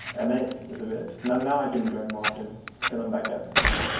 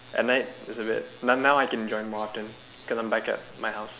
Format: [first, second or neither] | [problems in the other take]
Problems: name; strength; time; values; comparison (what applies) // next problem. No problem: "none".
second | background sound (Fire); 2 dB below the speech // room echo; dies away in 0.9 s